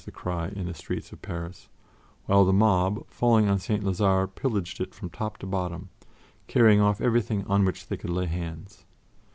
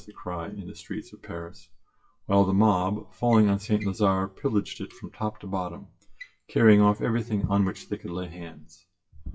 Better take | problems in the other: first | noise reduction (classical method WPE with log-MMSE)

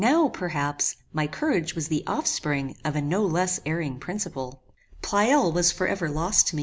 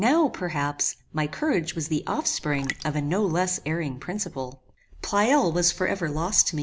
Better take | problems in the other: first | background sound (Raindrop); 12 dB below the speech

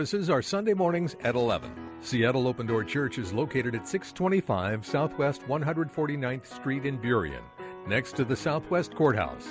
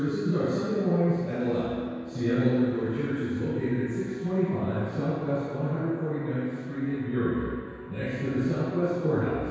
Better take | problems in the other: first | room echo; dies away in 2 s

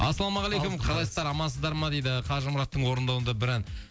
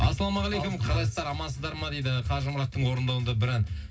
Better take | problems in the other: first | room echo; dies away in 0.4 s

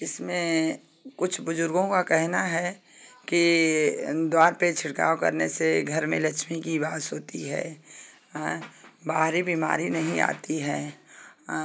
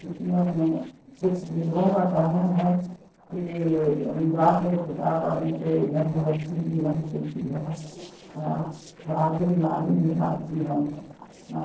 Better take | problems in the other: first | noise reduction (neural separator model SepFormer DNS4)

